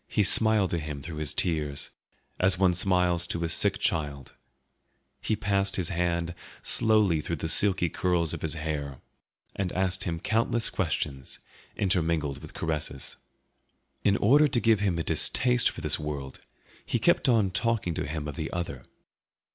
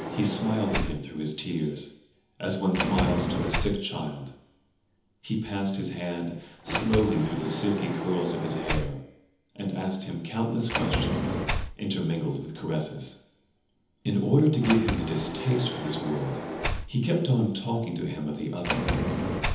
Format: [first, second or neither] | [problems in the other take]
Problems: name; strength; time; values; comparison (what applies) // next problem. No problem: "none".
first | background sound (Sliding door); 4 dB below the speech // room echo; dies away in 1.3 s